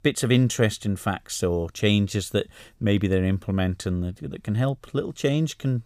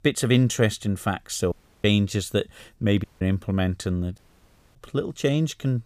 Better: first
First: none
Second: audio cutting out; at 1.5 s, at 3 s and at 4 s for 0.5 s

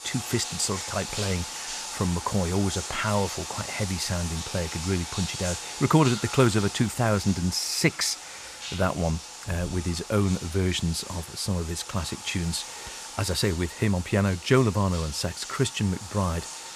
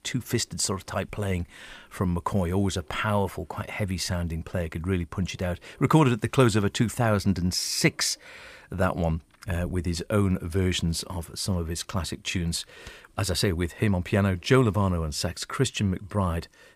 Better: second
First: household noises; loud; throughout; 8 dB below the speech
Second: none

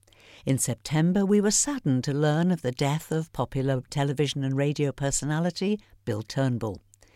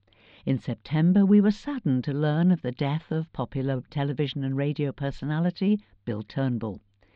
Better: first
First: none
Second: muffled; very; fading above 4 kHz

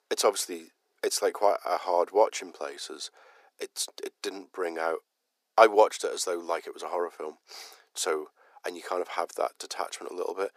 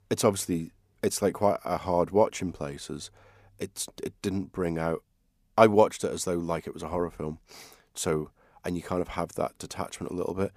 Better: second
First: thin; very; fading below 350 Hz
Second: none

